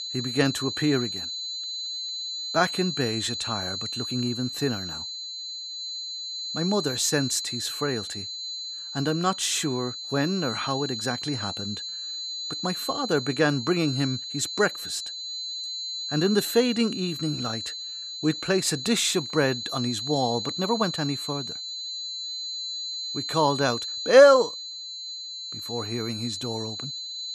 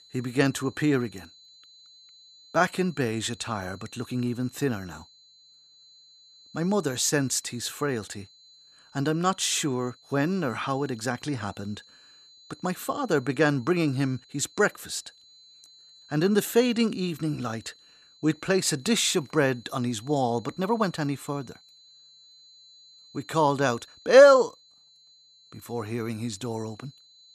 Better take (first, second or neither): second